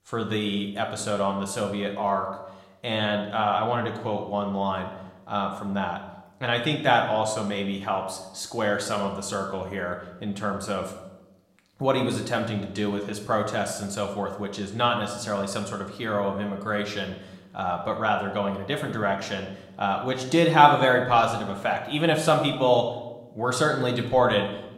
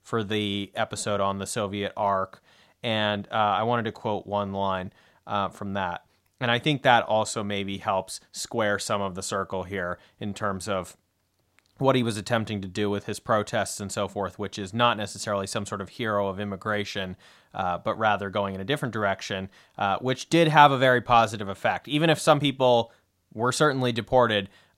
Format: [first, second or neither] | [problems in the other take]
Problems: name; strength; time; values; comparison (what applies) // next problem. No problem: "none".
second | room echo; slight; dies away in 0.7 s